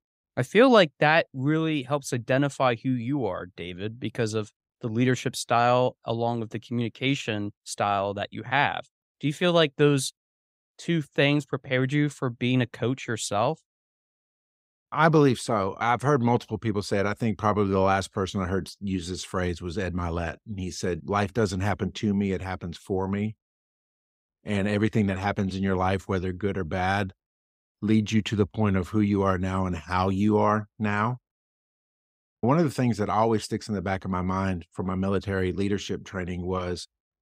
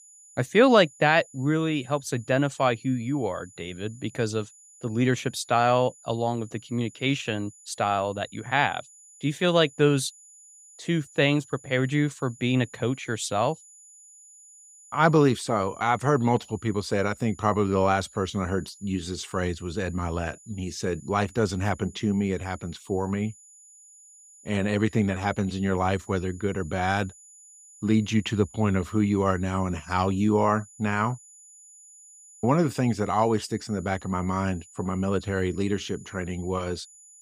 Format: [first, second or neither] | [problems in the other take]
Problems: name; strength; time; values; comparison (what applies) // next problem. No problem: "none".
first | high-pitched whine; faint; throughout; 7 kHz, 25 dB below the speech